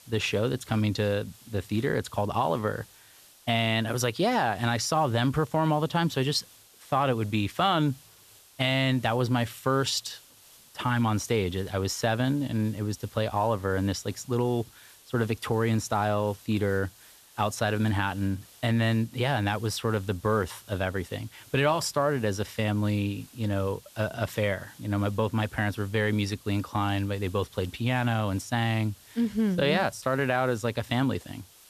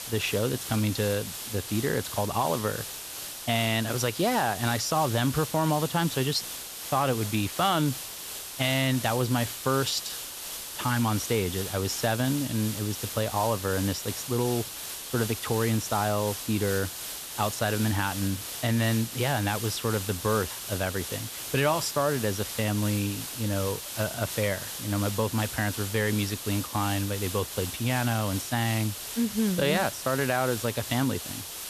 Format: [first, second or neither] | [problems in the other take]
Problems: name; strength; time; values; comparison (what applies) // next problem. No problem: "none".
first | hiss; loud; throughout; 6 dB below the speech; faint in the first